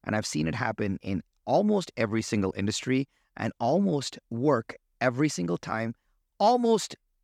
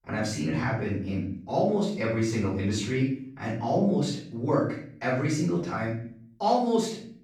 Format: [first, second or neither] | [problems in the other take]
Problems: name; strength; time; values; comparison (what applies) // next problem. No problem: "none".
first | off-mic speech; far // room echo; noticeable; dies away in 0.5 s